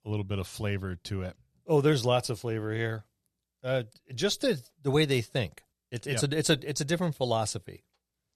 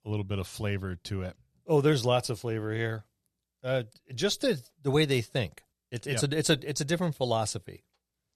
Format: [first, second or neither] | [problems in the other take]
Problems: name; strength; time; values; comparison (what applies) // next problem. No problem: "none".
neither | none